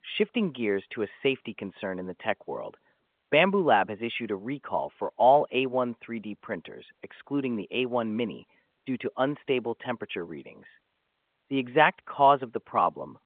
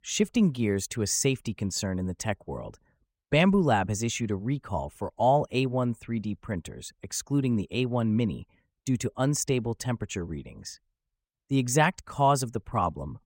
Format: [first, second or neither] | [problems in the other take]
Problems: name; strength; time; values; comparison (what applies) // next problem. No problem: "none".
second | phone-call audio; nothing above 3 kHz